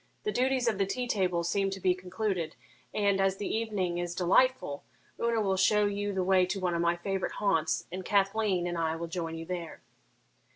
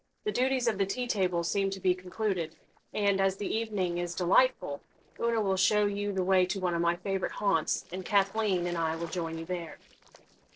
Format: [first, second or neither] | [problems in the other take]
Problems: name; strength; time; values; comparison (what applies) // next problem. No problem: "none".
first | noise reduction (neural separator model SepFormer DNS4)